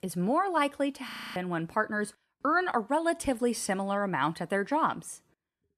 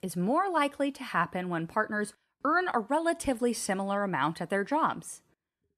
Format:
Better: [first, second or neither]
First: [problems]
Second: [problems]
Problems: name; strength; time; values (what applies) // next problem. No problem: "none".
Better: second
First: audio freezing; at 1 s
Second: none